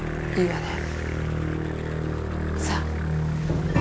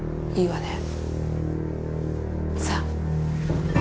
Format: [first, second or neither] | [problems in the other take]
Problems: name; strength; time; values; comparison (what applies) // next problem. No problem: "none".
second | background sound (Bicycle); 14 dB below the speech